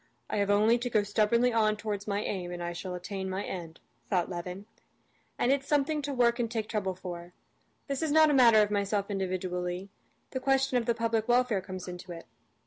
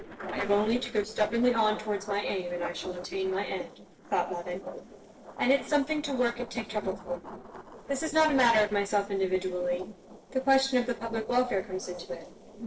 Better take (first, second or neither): first